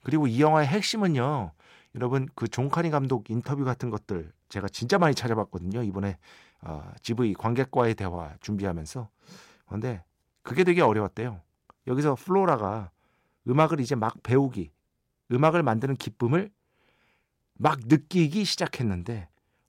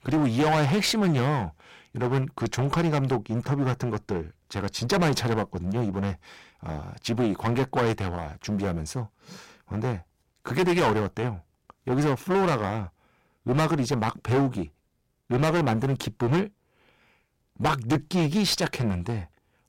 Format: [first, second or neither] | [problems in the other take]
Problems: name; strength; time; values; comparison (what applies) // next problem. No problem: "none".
first | distortion; heavy; 13% of the sound clipped